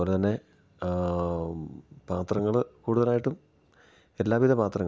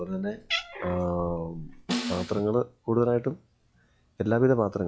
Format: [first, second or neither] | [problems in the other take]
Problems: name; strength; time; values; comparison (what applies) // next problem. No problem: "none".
first | noise reduction (classical method log-MMSE)